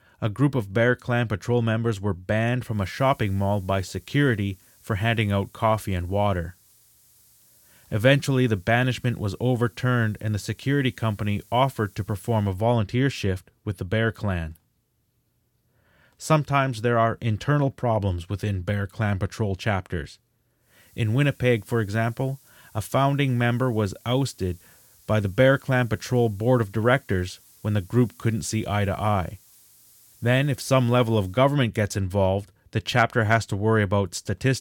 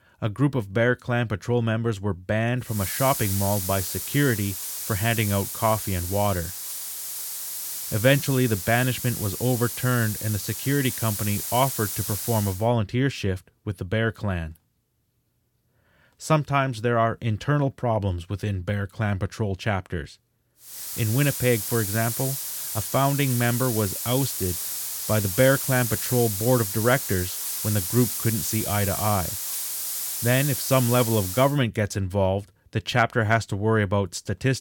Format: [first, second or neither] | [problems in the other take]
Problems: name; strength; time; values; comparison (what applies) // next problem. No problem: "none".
first | hiss; loud; from 3 to 13 s and from 21 to 31 s; 4 dB below the speech; faint in the first